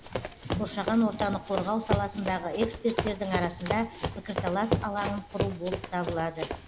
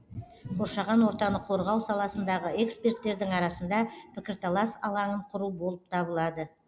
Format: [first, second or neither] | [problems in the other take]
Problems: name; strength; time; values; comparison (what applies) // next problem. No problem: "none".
second | background sound (Run); 3 dB below the speech